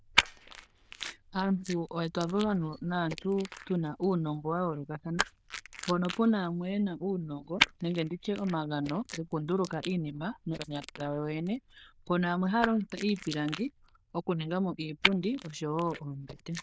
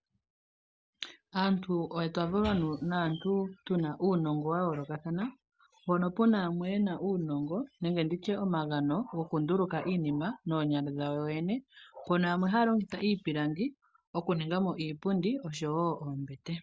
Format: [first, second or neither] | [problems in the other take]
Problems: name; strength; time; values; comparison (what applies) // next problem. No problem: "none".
second | noise reduction (neural diffusion model UNIVERSE++)